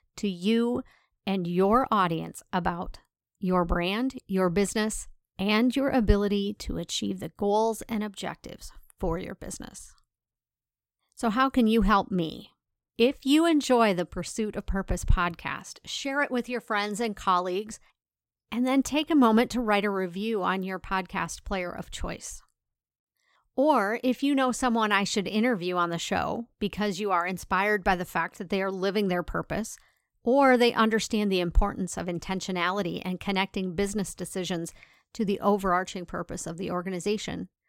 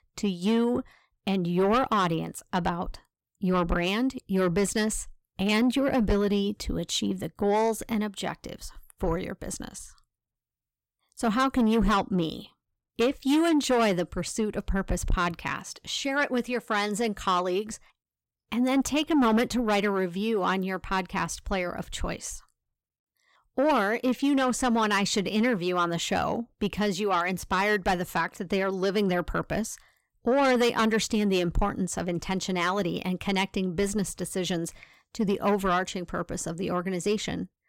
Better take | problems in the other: first | distortion; slight; 10 dB below the speech

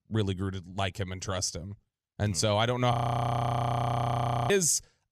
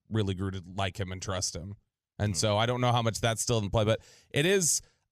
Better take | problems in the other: second | audio freezing; at 3 s for 1.5 s

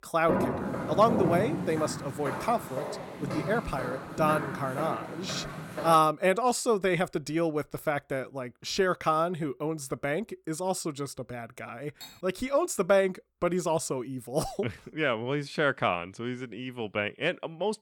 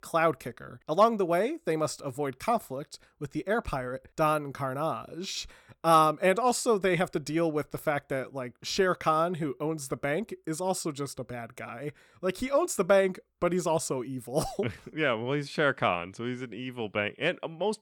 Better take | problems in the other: second | footsteps; loud; until 6 s; peak 1 dB above the speech // clattering dishes; faint; at 12 s; peak 15 dB below the speech

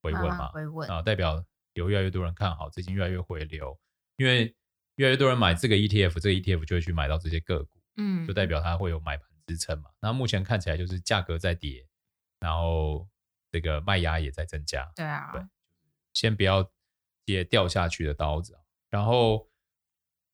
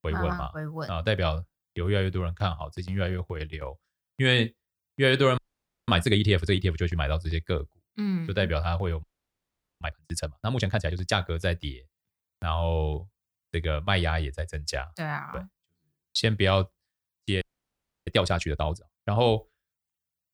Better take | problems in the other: first | audio freezing; at 5.5 s for 0.5 s, at 9 s for 1 s and at 17 s for 0.5 s

